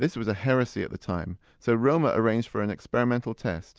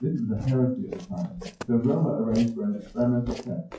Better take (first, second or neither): first